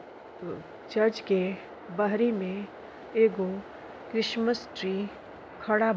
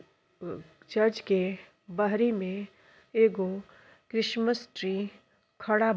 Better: second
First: background sound (Train); 15 dB below the speech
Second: none

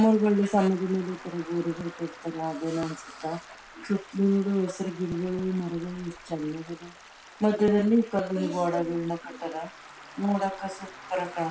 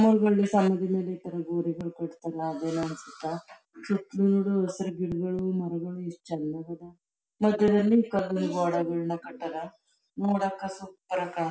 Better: second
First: background sound (Traffic noise, roadway noise + Stream); 19 dB below the speech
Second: none

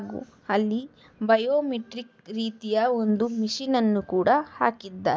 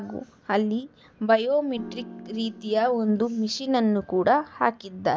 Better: first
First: none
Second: background sound (Piano); 18 dB below the speech

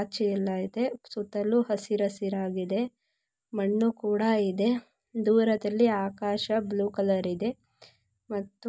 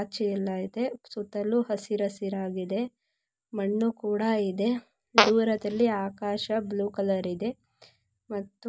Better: first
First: none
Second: background sound (Fart); 1 dB above the speech

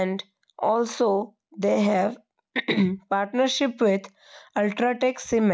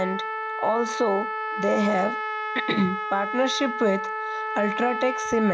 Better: first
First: none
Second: background sound (Trumpet); 4 dB below the speech

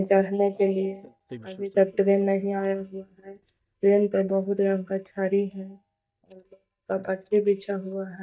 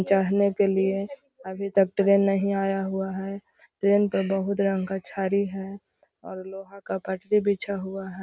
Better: second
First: noise reduction (neural mask model DeepFilterNet 3)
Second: none

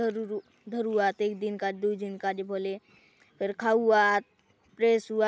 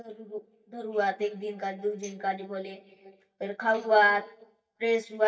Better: first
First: none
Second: noise reduction (neural mask model DeepFilterNet 3)

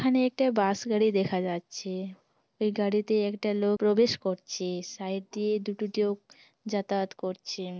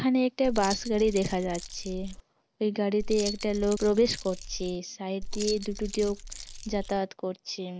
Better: first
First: none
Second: background sound (Keys jangling); 8 dB below the speech

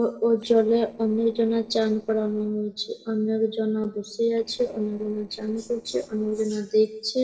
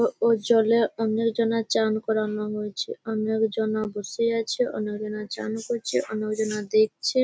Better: second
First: noise reduction (neural separator model SepFormer DNS4)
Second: none

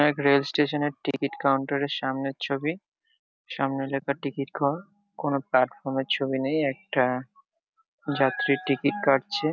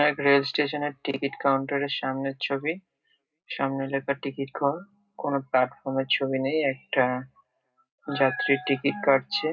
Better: first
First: none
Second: room echo; dies away in 0.2 s

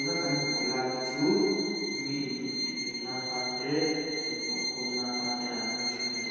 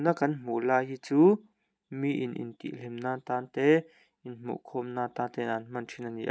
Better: second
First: background sound (Bowed string instrument); 2 dB below the speech // room echo; dies away in 2.1 s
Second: none

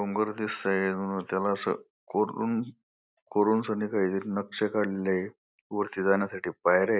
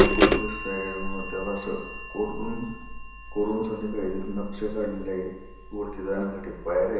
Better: first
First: none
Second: background sound (Bird vocalization, bird call, bird song / Telephone); 1 dB above the speech // room echo; dies away in 1 s

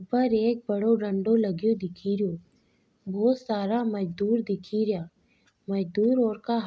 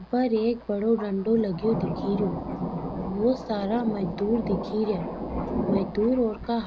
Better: first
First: none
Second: background sound (Thunder); 6 dB below the speech

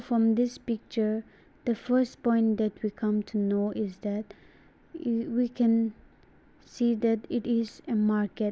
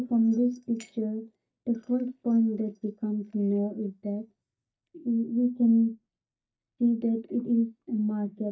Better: first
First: none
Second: noise reduction (neural mask model DeepFilterNet 3)

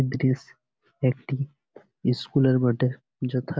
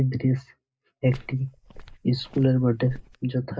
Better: first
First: none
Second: noise reduction (neural mask model DeepFilterNet 3)

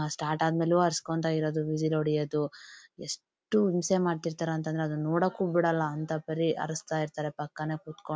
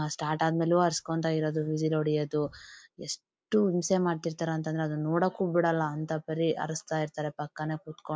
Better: first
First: none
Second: noise reduction (neural mask model Resemble Enhance denoiser)

